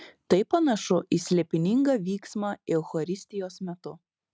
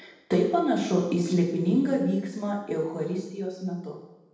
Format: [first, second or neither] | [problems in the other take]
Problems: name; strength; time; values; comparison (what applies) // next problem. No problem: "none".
first | room echo; dies away in 0.9 s